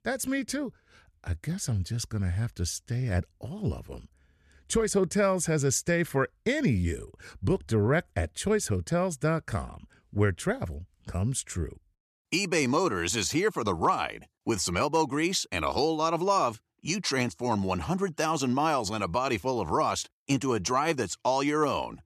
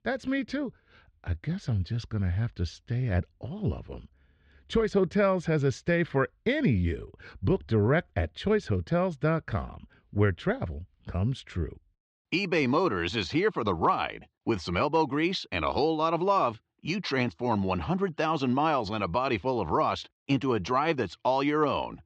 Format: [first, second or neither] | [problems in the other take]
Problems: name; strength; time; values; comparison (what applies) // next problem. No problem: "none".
first | muffled; slightly; fading above 4 kHz